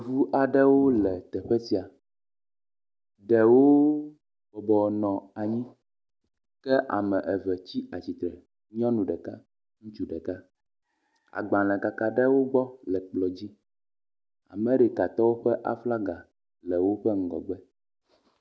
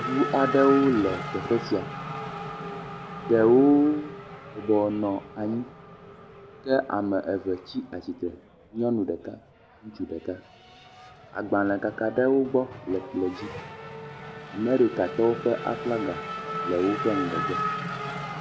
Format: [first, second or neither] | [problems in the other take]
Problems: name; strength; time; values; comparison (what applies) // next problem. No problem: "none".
first | background sound (Race car, auto racing / Accelerating, revving, vroom); 9 dB below the speech